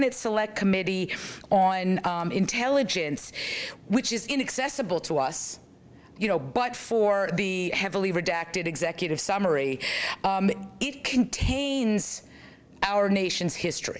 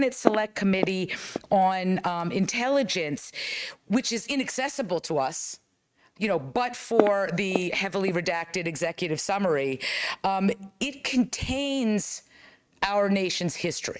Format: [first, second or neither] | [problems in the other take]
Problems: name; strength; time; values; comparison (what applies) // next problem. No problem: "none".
first | noise reduction (neural mask model RNNoise)